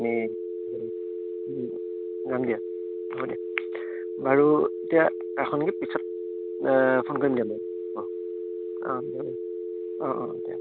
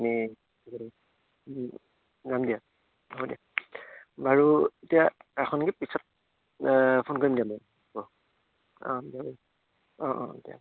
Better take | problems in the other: second | background sound (Telephone); 5 dB below the speech

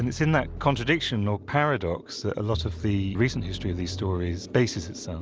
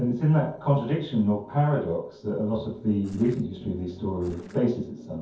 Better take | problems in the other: first | noise reduction (neural separator model SepFormer DNS4)

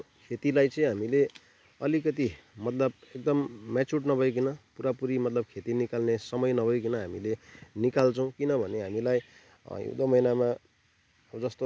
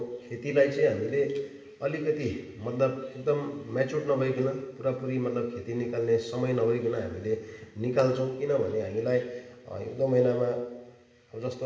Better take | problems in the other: first | room echo; dies away in 1.2 s

